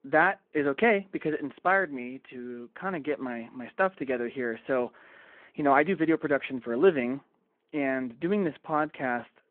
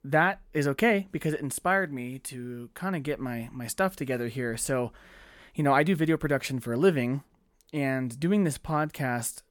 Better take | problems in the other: second | phone-call audio

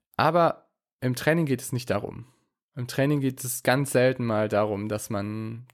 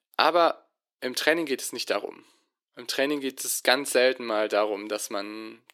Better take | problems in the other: first | thin; somewhat; fading below 350 Hz

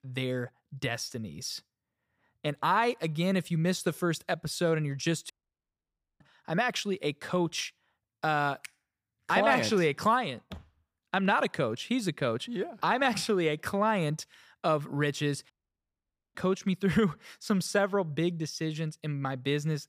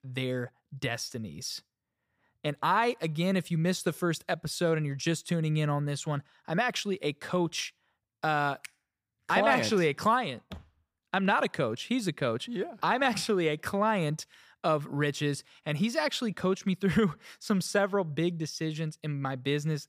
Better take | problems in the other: second | audio cutting out; at 5.5 s for 1 s and at 16 s for 1 s

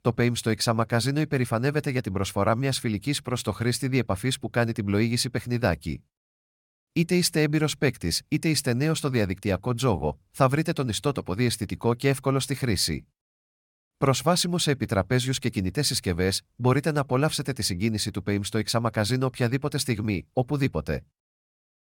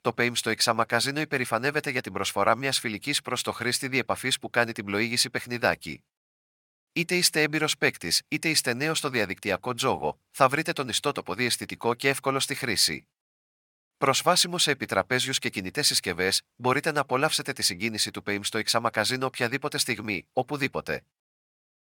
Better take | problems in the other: first | thin; somewhat; fading below 600 Hz

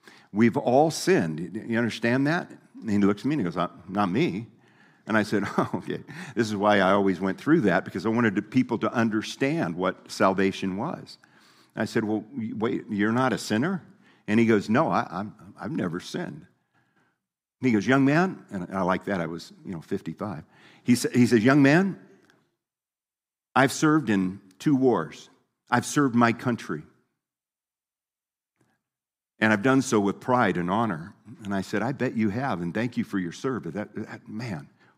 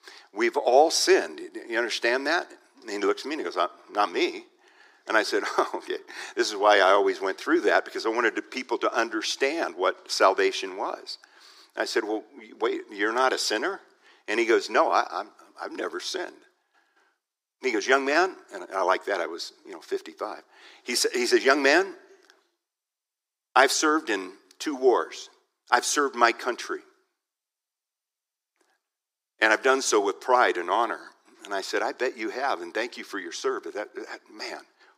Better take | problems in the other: first | thin; very; fading below 350 Hz

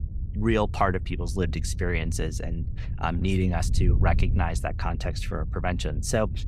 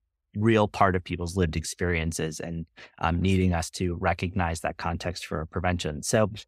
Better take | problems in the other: second | wind noise on the microphone; occasional gusts; 15 dB below the speech

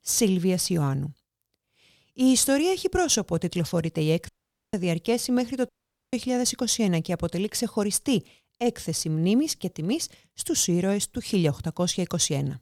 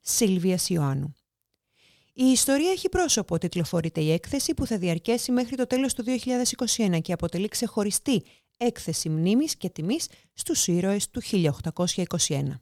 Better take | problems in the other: second | audio cutting out; at 4.5 s and at 5.5 s

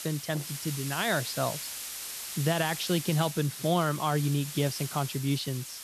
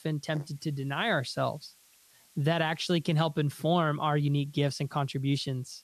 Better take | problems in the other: second | hiss; loud; throughout; 7 dB below the speech; faint in the second

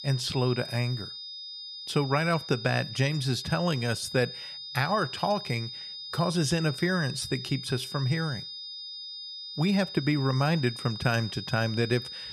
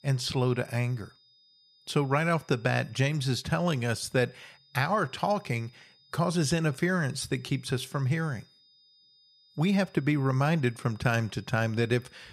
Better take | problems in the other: second | high-pitched whine; loud; throughout; 5 kHz, 9 dB below the speech; faint in the second

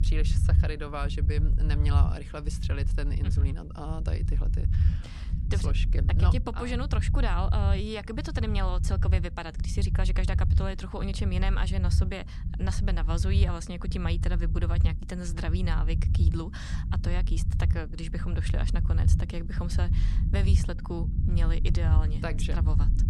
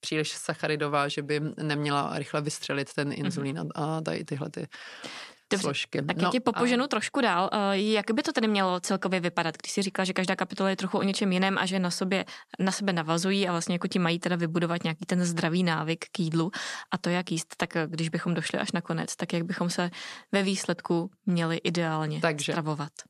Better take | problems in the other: second | low rumble; loud; throughout; 7 dB below the speech

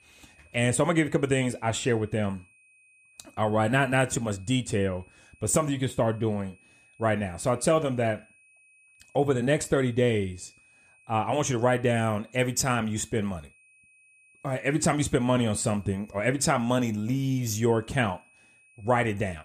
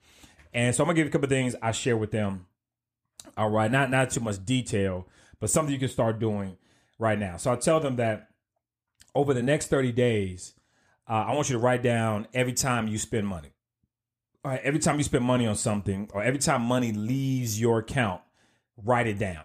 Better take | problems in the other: second | high-pitched whine; faint; throughout; 2.5 kHz, 30 dB below the speech

